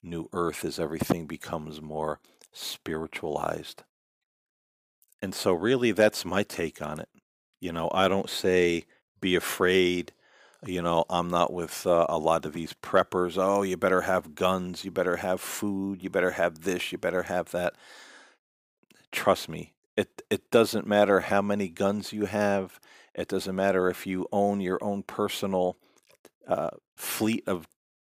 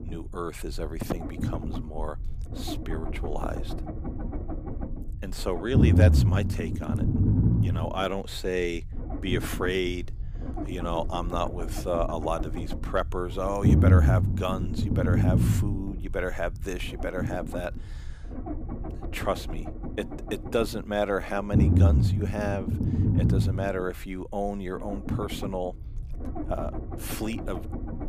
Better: first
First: none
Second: low rumble; loud; throughout; 5 dB below the speech

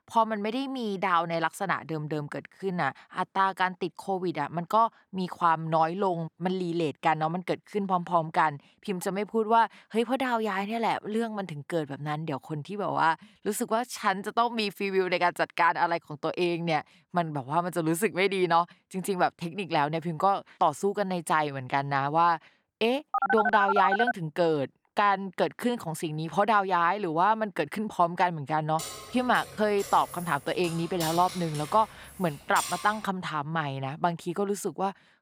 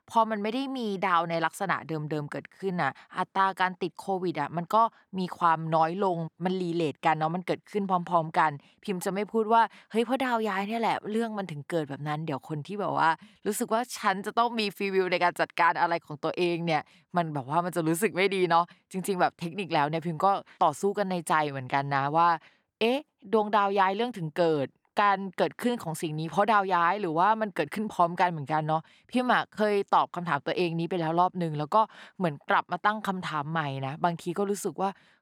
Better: second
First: phone ringing; loud; at 23 s; peak 2 dB above the speech // jangling keys; noticeable; from 29 to 33 s; peak 6 dB below the speech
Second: none

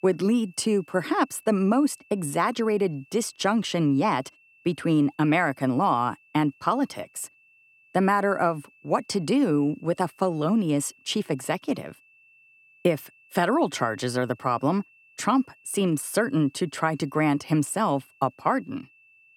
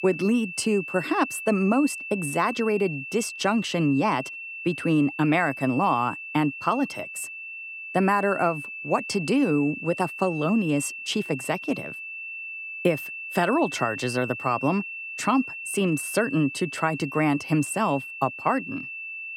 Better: first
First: high-pitched whine; faint; throughout; 2.5 kHz, 30 dB below the speech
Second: high-pitched whine; loud; throughout; 2.5 kHz, 9 dB below the speech

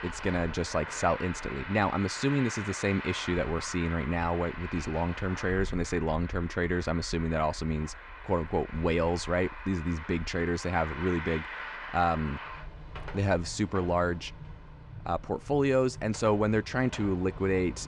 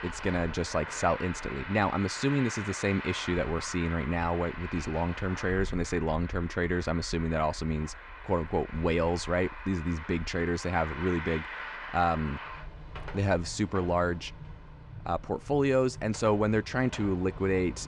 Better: neither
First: traffic noise; noticeable; throughout; 10 dB below the speech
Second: traffic noise; noticeable; throughout; 10 dB below the speech

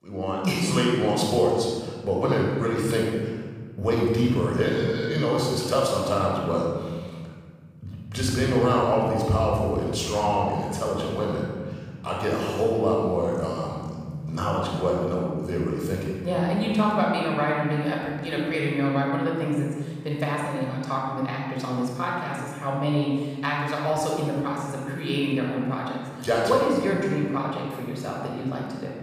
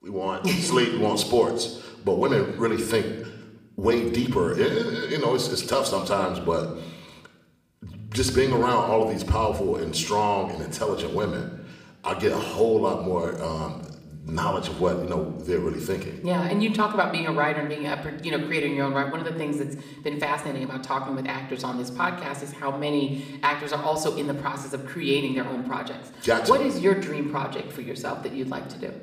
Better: second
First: room echo; strong; dies away in 1.8 s // off-mic speech; far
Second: room echo; slight; dies away in 0.8 s // off-mic speech; somewhat distant

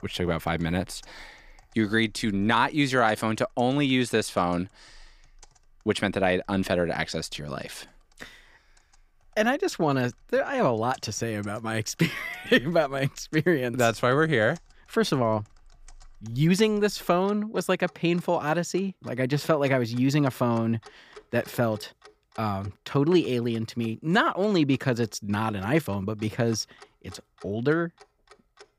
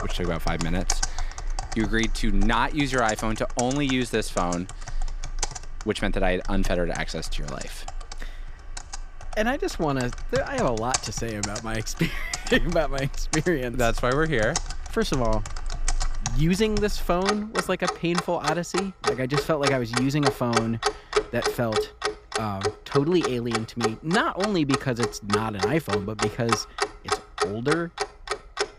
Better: first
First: household noises; faint; throughout; 30 dB below the speech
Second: household noises; loud; throughout; 5 dB below the speech

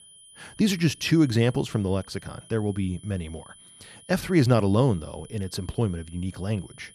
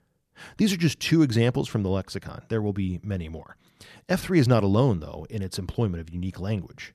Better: second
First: high-pitched whine; faint; throughout; 10 kHz, 25 dB below the speech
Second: none

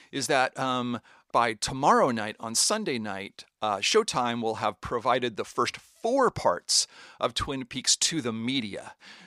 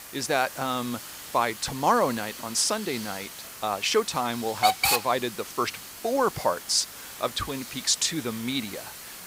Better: first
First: none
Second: hiss; loud; throughout; 6 dB below the speech

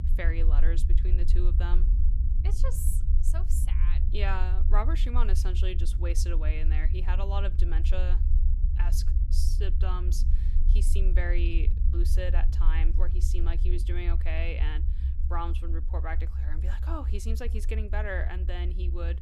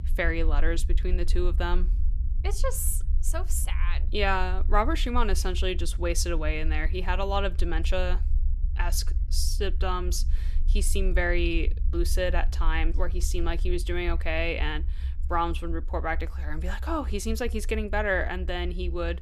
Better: second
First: low rumble; loud; throughout; 9 dB below the speech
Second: low rumble; faint; throughout; 20 dB below the speech

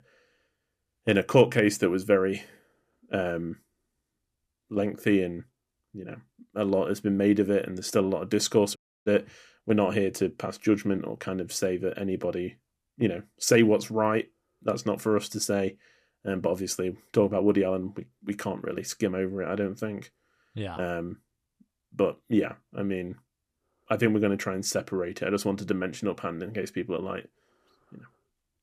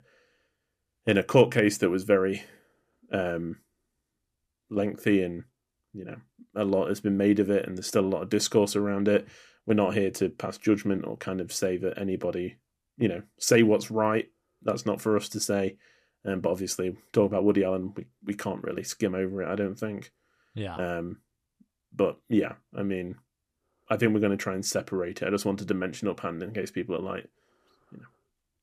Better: second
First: audio cutting out; at 9 s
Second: none

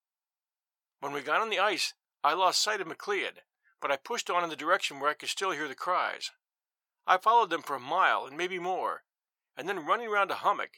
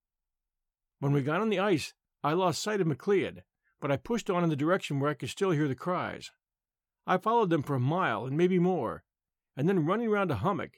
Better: second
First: thin; very; fading below 850 Hz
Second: none

